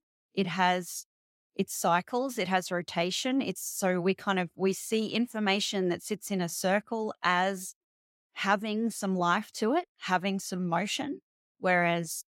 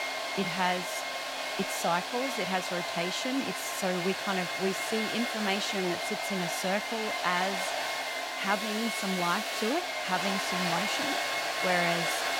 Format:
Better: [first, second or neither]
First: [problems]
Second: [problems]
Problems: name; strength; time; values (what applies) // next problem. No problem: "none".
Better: first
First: none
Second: household noises; very loud; throughout; 1 dB above the speech